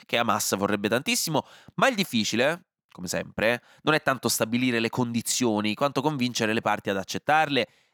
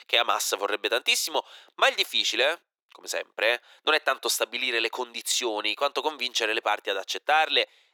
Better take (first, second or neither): first